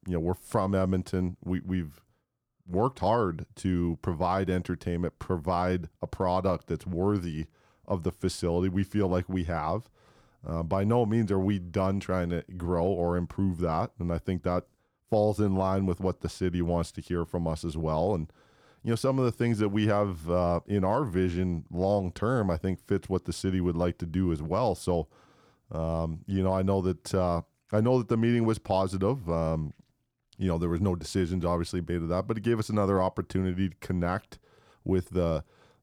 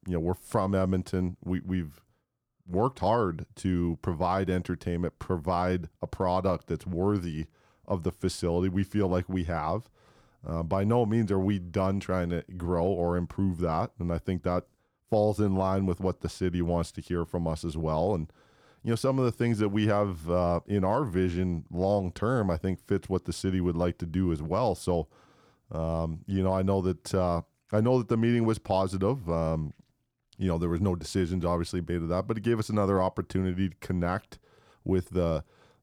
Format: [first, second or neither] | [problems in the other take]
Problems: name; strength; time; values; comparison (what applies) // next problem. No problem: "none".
neither | none